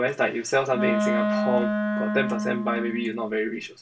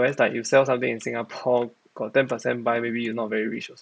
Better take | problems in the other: second | background sound (Wind instrument, woodwind instrument); as loud as the speech // room echo; dies away in 0.2 s

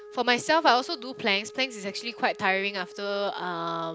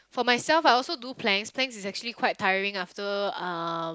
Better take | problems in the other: second | background sound (Wind instrument, woodwind instrument); 18 dB below the speech

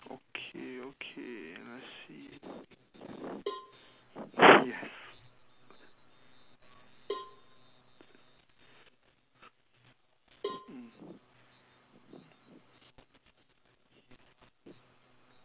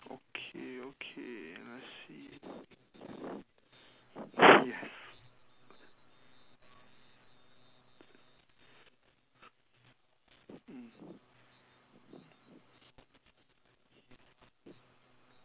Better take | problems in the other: second | background sound (Cowbell); 12 dB below the speech

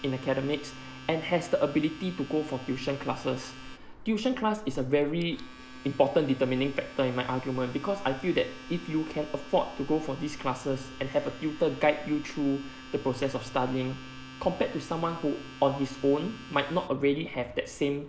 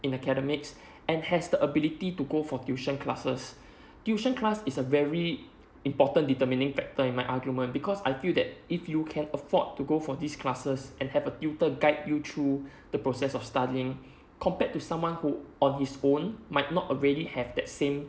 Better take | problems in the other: second | background sound (Domestic sounds, home sounds + Gull, seagull / Fowl); 14 dB below the speech

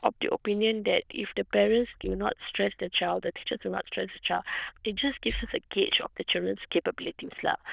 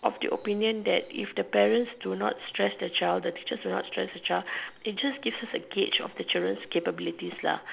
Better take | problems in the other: second | noise reduction (neural diffusion model UNIVERSE++)

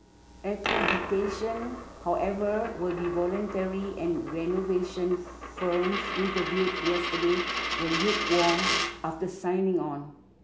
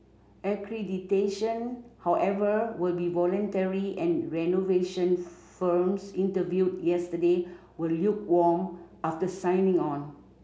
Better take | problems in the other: second | background sound (Coin (dropping)); 4 dB below the speech

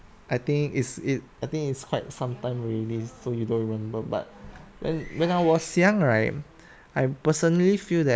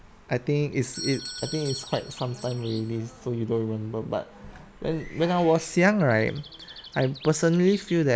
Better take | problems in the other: first | background sound (Bird + Doorbell); 18 dB below the speech

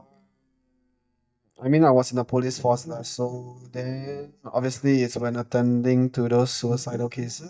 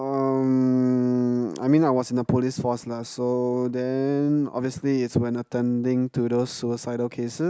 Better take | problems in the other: second | noise reduction (neural mask model DeepFilterNet 3)

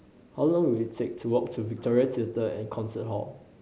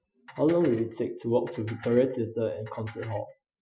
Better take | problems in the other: first | noise reduction (classical method Wiener filter)

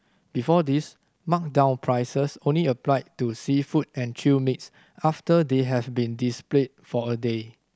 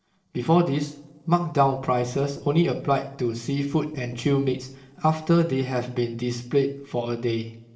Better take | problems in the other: first | noise reduction (neural separator model SepFormer DNS4)

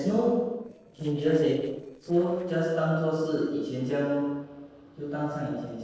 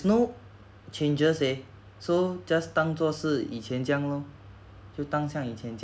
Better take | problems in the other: second | noise reduction (neural separator model SepFormer DNS4)

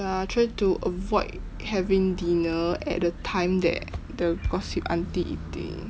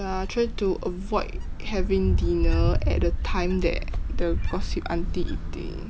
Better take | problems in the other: first | background sound (Wind); 2 dB above the speech

